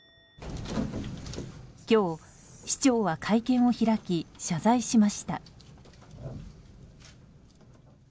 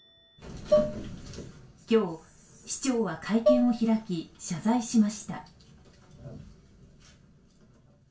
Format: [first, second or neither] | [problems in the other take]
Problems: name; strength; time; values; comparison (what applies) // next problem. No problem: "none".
first | background sound (Dishes, pots, and pans); 3 dB above the speech // room echo; dies away in 0.3 s